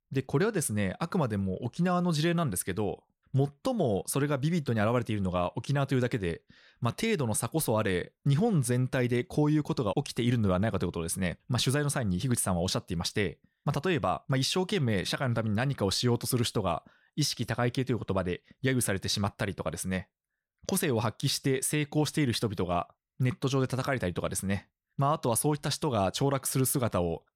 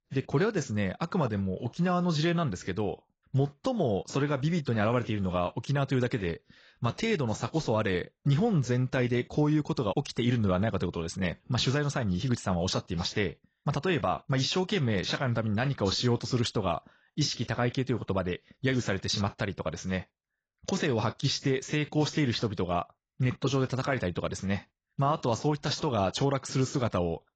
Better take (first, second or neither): first